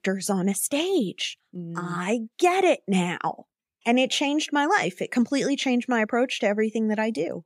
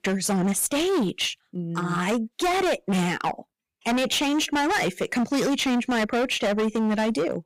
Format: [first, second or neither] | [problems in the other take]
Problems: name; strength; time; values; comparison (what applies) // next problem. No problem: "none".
first | distortion; heavy; 25% of the sound clipped